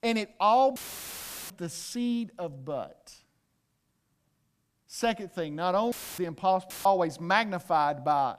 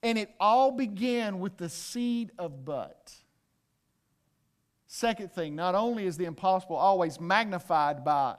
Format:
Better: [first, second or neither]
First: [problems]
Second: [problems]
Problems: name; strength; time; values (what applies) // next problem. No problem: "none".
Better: second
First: audio cutting out; filled with static; at 1 s for 0.5 s, at 6 s and at 6.5 s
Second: none